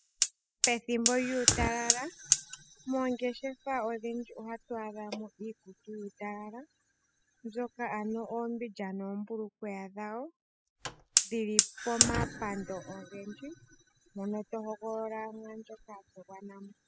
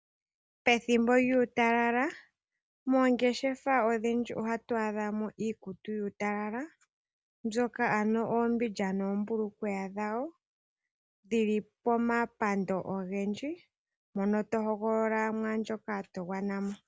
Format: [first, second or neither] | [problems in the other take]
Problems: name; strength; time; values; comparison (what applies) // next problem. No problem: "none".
second | noise reduction (classical method spectral subtraction)